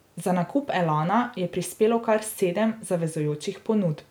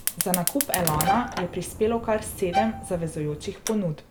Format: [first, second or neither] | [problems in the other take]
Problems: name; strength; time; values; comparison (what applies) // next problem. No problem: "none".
first | background sound (Fire + Bowed string instrument); 3 dB below the speech